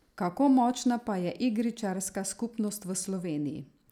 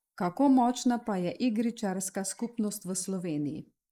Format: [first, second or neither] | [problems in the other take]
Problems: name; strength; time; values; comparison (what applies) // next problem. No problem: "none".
first | noise reduction (neural mask model Resemble Enhance denoiser)